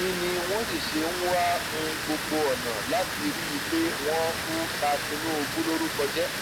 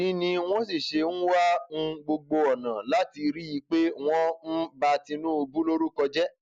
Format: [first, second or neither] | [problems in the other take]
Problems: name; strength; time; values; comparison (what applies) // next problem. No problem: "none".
second | background sound (Water); 2 dB below the speech